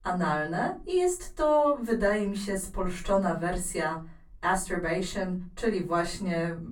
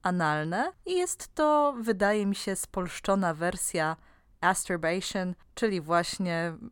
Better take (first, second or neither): second